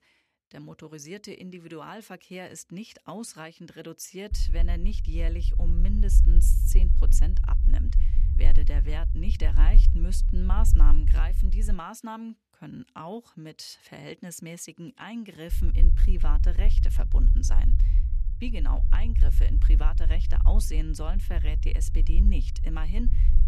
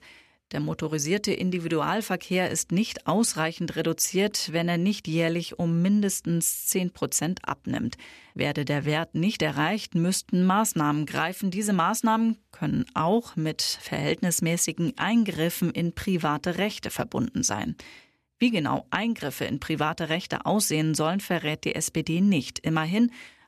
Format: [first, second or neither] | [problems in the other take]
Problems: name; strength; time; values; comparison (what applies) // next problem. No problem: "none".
second | low rumble; loud; from 4.5 to 12 s and from 16 s on; 7 dB below the speech